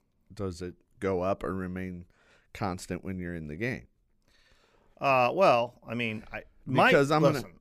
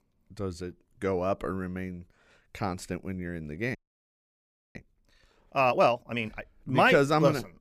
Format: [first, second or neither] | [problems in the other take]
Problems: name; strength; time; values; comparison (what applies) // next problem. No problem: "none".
first | audio freezing; at 4 s for 1 s